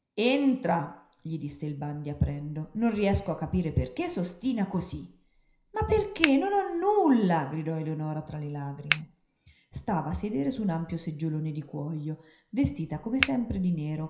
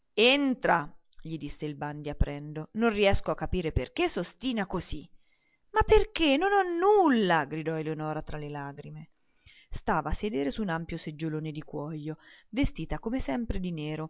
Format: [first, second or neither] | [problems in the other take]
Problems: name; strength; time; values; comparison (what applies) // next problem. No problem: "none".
second | background sound (Finger snapping); 1 dB below the speech // room echo; dies away in 0.5 s